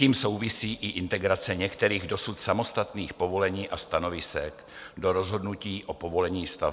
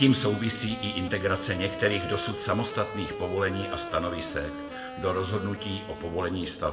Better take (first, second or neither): first